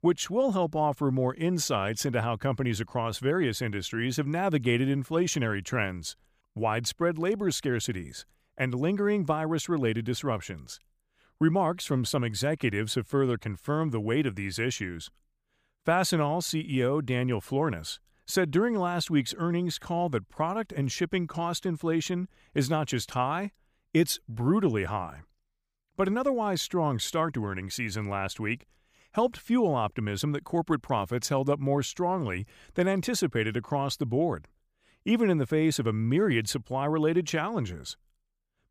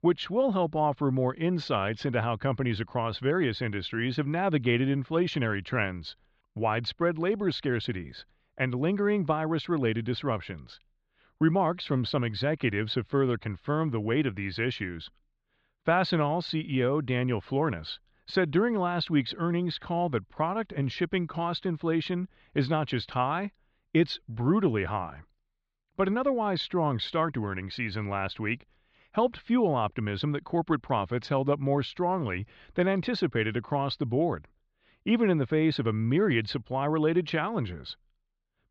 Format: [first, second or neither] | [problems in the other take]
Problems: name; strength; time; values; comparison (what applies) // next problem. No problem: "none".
first | muffled; very slightly; fading above 4 kHz